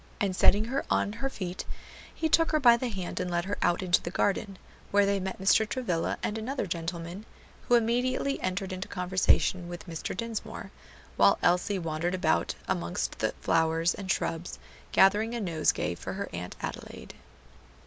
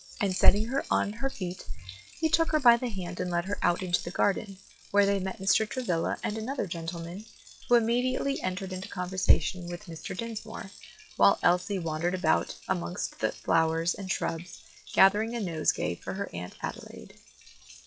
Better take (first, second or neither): first